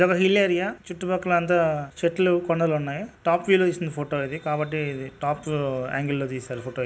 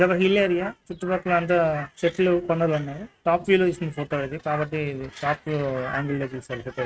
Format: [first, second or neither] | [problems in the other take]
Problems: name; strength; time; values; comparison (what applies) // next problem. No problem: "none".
first | noise reduction (neural mask model RNNoise)